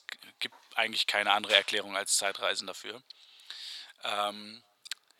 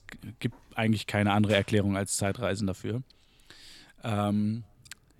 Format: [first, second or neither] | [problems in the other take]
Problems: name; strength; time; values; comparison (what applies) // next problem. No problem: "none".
second | thin; very; fading below 850 Hz